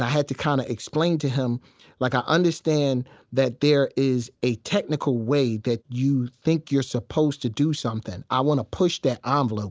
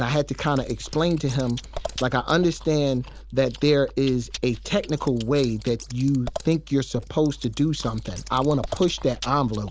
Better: first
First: none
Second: background sound (Scissors + Chewing, mastication); 14 dB below the speech

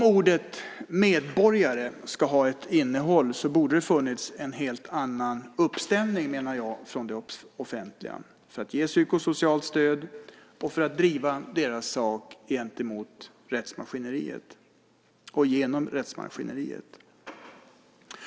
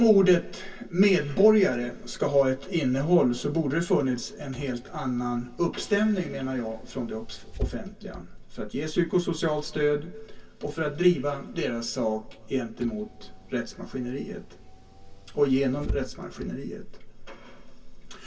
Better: first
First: none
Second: background sound (Engine / Car); 13 dB below the speech // room echo; dies away in 0.1 s

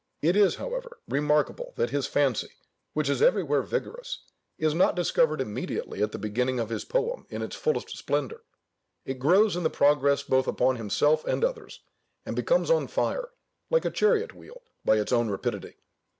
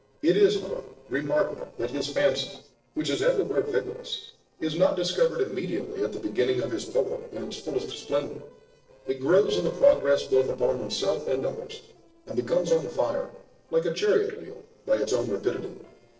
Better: first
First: none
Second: noise reduction (neural separator model SepFormer DNS4)

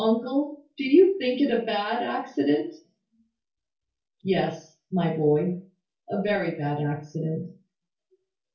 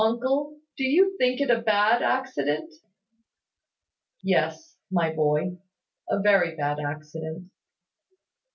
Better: second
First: room echo; dies away in 0.3 s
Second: none

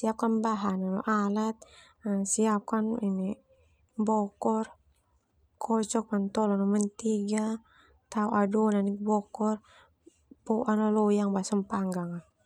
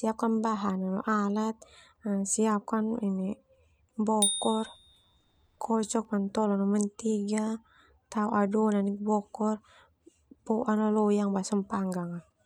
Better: first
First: none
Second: background sound (Bicycle bell); 7 dB below the speech

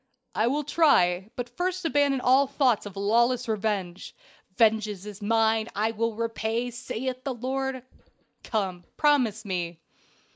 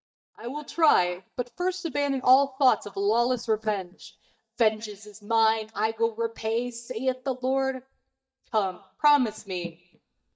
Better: first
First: none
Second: noise reduction (neural mask model DeepFilterNet 3)

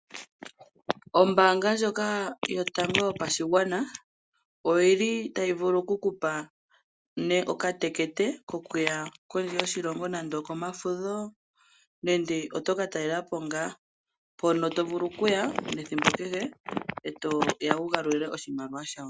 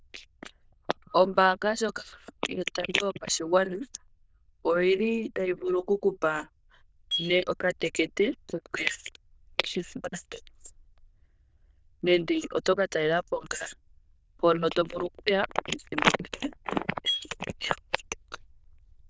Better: first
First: none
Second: noise reduction (neural diffusion model UNIVERSE++)

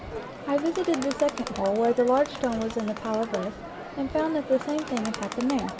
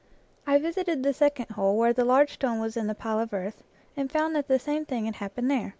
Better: second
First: background sound (Crowd); 9 dB below the speech // room echo; dies away in 0.5 s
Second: none

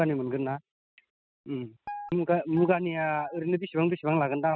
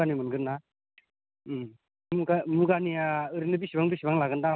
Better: second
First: noise reduction (classical method spectral subtraction)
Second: none

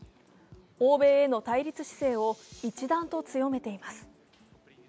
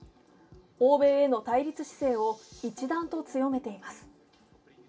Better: first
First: none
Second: room echo; dies away in 0.2 s

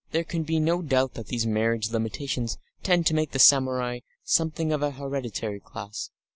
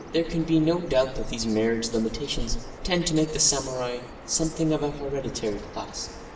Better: first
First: none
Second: background sound (Bird vocalization, bird call, bird song); 15 dB below the speech // room echo; dies away in 0.9 s

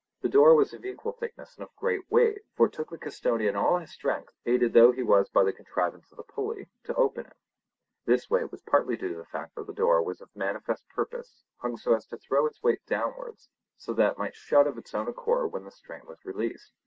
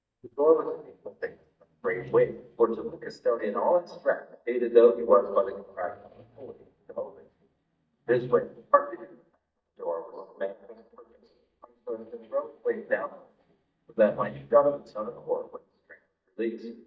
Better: first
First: none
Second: noise reduction (neural mask model DeepFilterNet 3)

